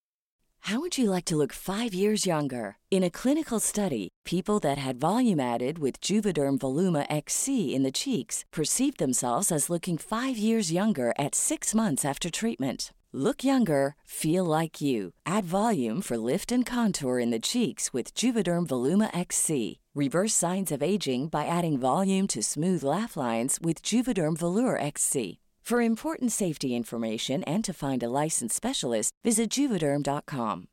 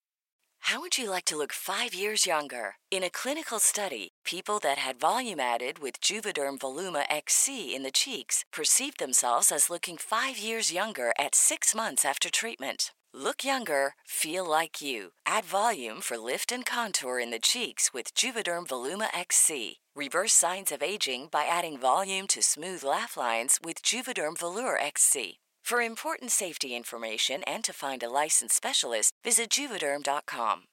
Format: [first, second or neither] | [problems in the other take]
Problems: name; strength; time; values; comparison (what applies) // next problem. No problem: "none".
first | thin; very; fading below 750 Hz